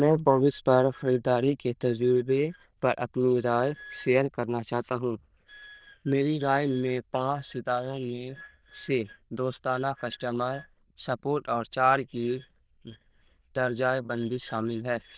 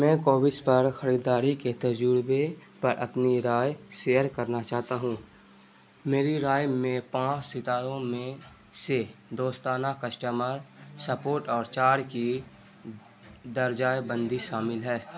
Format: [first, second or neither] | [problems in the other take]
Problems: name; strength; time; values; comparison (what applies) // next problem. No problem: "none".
second | noise reduction (neural diffusion model UNIVERSE++)